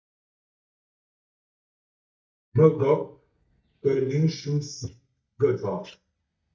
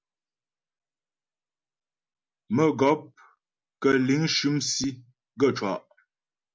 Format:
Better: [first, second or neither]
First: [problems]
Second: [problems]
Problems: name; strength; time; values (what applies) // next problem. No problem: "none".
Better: second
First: noise reduction (neural mask model DeepFilterNet 3)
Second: none